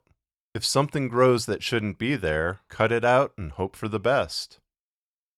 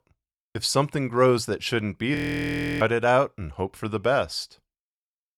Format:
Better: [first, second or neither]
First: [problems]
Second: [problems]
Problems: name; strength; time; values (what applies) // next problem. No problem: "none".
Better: first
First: none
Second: audio freezing; at 2 s for 0.5 s